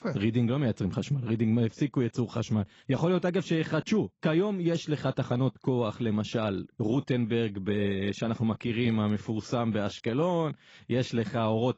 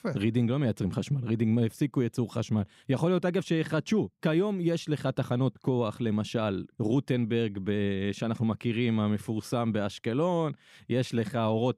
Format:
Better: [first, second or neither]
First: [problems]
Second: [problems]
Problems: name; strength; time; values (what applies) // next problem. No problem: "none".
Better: second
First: garbled, watery; badly; nothing above 7.5 kHz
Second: none